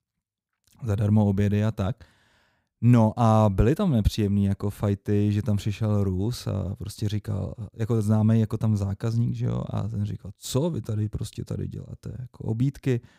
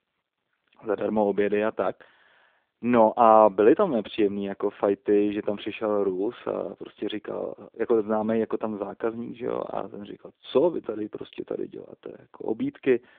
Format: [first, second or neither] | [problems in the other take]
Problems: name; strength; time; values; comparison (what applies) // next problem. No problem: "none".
first | phone-call audio; nothing above 3.5 kHz